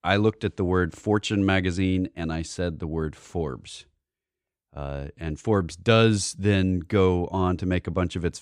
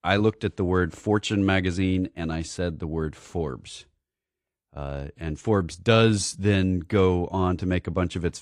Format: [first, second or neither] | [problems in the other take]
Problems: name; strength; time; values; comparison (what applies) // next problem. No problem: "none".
first | garbled, watery; slightly; nothing above 15 kHz